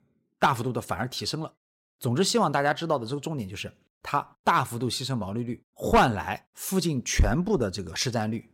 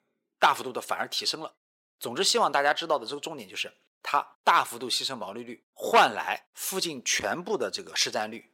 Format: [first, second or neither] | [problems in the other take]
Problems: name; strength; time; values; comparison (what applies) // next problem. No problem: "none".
first | thin; somewhat; fading below 450 Hz